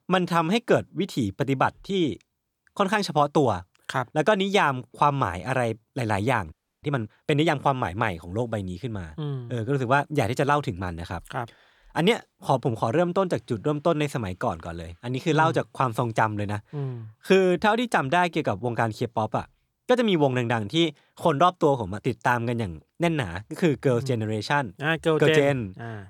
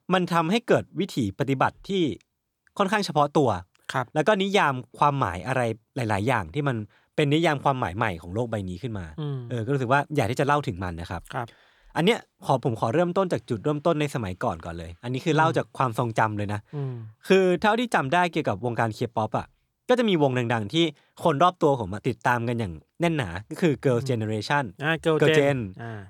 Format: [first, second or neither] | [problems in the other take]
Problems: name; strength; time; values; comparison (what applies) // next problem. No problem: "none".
second | audio freezing; at 6.5 s